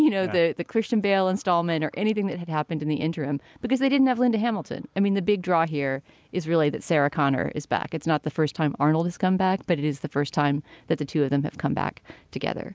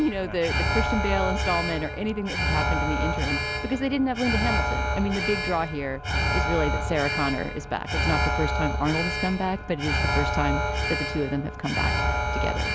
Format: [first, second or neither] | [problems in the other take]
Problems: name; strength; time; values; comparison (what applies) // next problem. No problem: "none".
first | background sound (Alarm); 2 dB above the speech